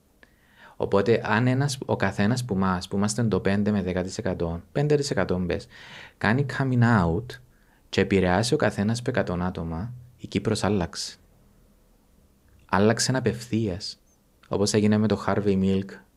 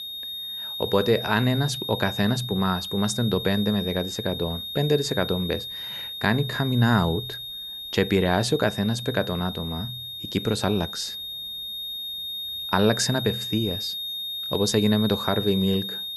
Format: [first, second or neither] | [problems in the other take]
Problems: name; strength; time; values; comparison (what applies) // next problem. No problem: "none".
first | high-pitched whine; loud; throughout; 3.5 kHz, 6 dB below the speech